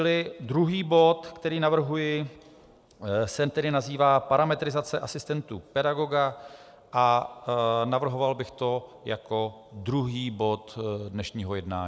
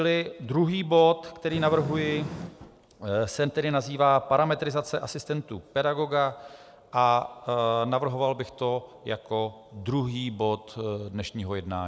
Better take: first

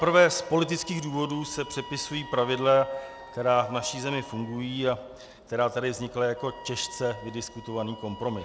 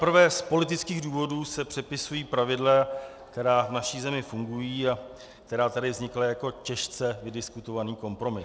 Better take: second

